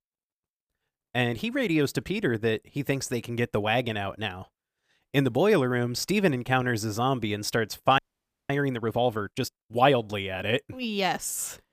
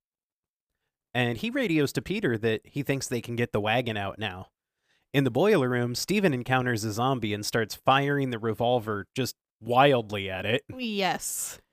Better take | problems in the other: second | audio freezing; at 8 s for 0.5 s

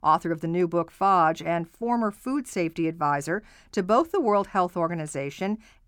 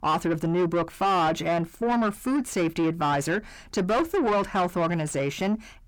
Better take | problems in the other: first | distortion; heavy; 7 dB below the speech

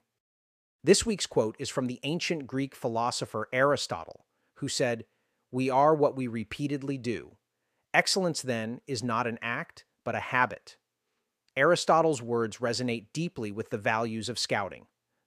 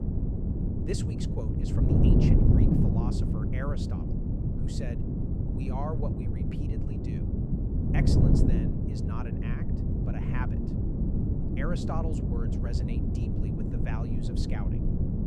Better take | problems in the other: first | wind noise on the microphone; heavy; 4 dB above the speech

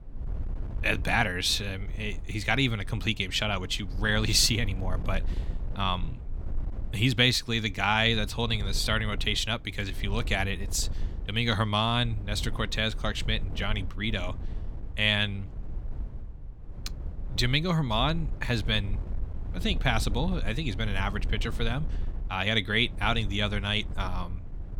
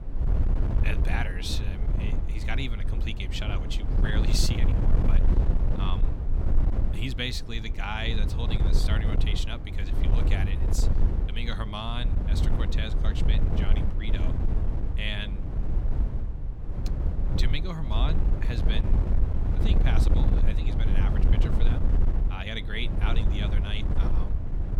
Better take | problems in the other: first | wind noise on the microphone; heavy; 5 dB below the speech; occasional gusts in the first

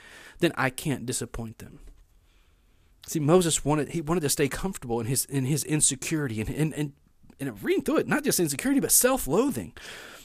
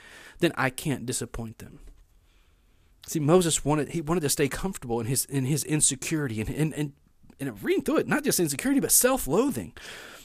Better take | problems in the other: neither | none

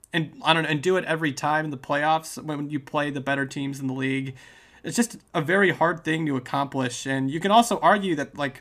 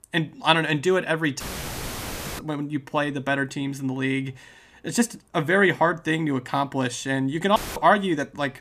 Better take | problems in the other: first | audio cutting out; filled with static; at 1.5 s for 1 s and at 7.5 s

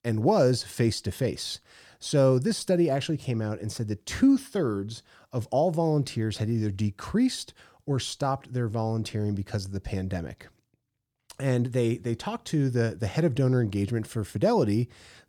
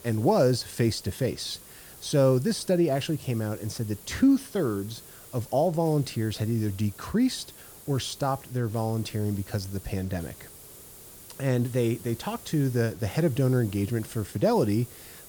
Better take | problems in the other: first | hiss; noticeable; throughout; 20 dB below the speech

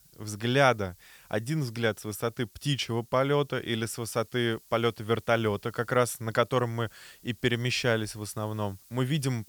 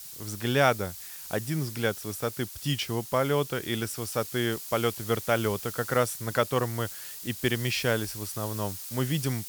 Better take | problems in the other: first | hiss; loud; throughout; 9 dB below the speech; faint in the first

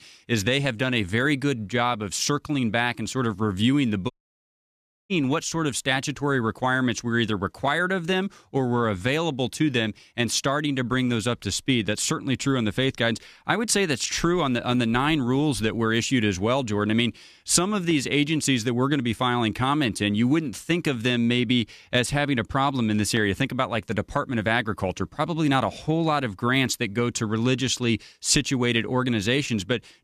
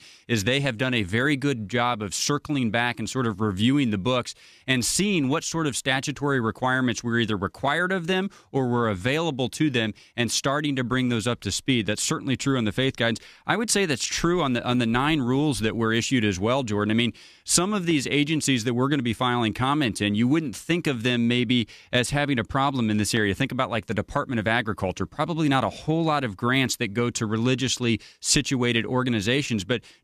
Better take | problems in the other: second | audio cutting out; at 4 s for 1 s

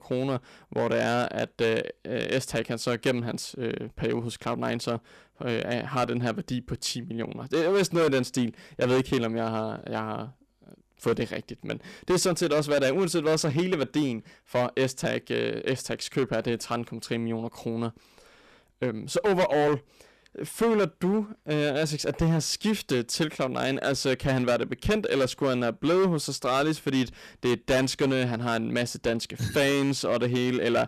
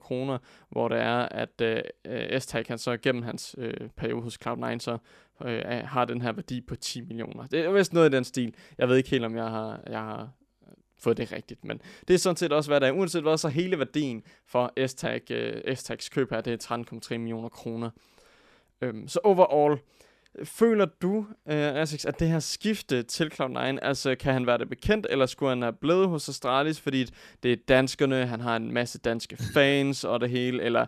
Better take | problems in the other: second | distortion; heavy; 8% of the sound clipped

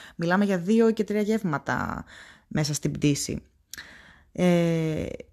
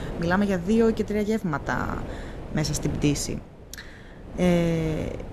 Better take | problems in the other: first | wind noise on the microphone; occasional gusts; 15 dB below the speech

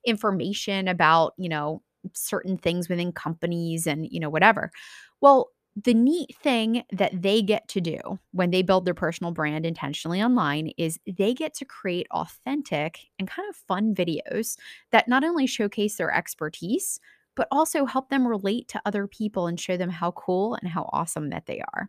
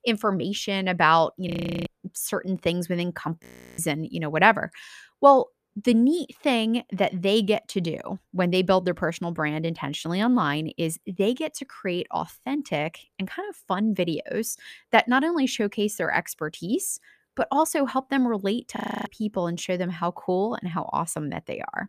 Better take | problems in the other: first | audio freezing; at 1.5 s, at 3.5 s and at 19 s

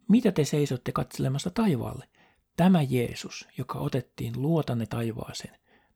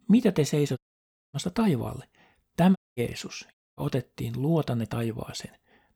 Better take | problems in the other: first | audio cutting out; at 1 s for 0.5 s, at 3 s and at 3.5 s

